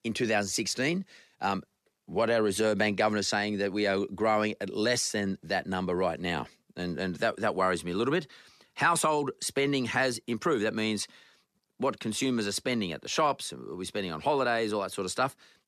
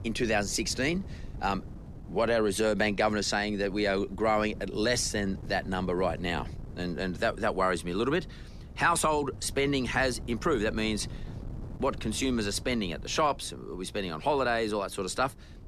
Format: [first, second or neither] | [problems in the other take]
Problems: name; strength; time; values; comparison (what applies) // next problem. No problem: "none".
first | wind noise on the microphone; occasional gusts; 25 dB below the speech